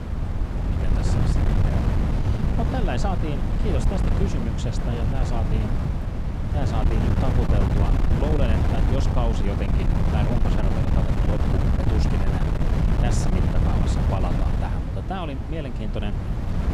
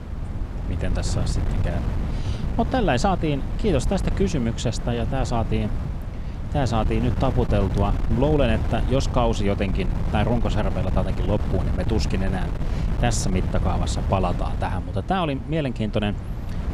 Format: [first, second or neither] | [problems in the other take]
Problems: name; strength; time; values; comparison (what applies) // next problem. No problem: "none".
second | wind noise on the microphone; heavy; 1 dB above the speech; occasional gusts in the second